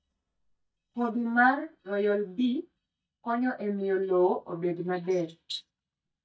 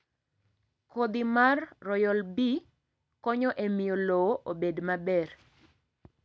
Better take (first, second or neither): second